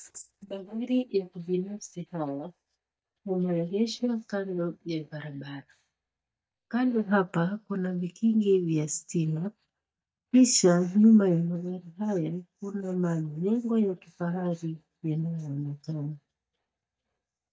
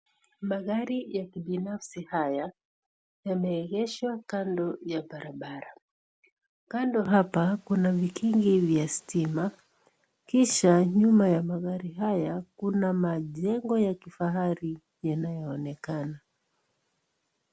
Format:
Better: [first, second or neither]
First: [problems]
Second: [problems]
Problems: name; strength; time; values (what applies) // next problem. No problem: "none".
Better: second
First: noise reduction (neural mask model DeepFilterNet 3)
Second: none